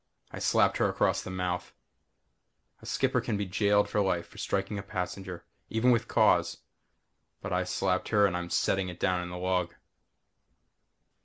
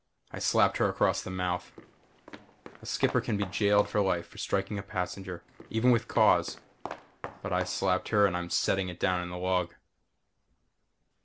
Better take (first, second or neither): first